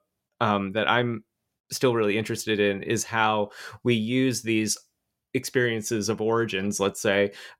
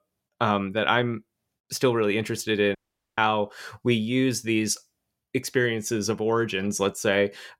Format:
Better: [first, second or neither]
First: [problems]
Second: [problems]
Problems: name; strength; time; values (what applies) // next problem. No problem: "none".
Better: first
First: none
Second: audio cutting out; at 3 s